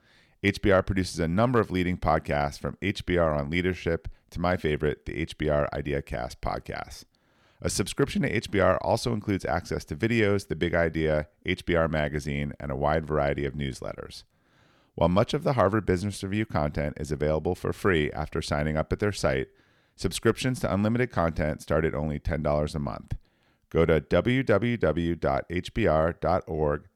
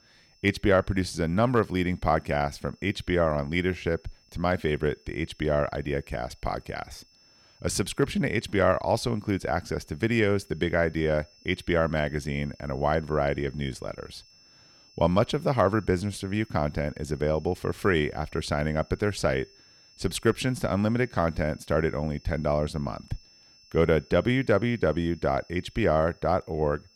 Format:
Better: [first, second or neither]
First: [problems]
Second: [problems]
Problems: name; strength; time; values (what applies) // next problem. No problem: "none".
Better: first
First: none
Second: high-pitched whine; faint; throughout; 5.5 kHz, 30 dB below the speech